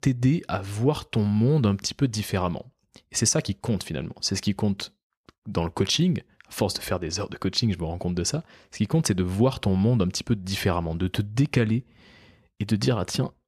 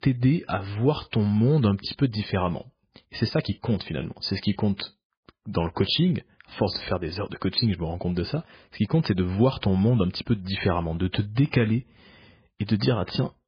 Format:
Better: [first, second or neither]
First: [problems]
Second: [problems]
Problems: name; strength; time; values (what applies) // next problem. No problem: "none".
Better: first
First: none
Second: garbled, watery; badly; nothing above 4 kHz